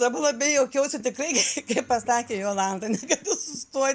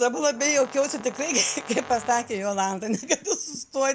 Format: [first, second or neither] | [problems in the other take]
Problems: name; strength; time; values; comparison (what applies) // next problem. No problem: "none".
first | background sound (Brass instrument); 16 dB below the speech